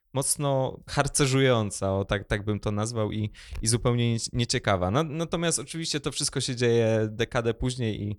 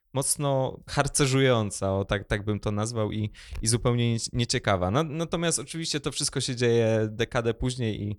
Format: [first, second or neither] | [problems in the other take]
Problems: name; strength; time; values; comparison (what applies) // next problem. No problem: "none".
neither | none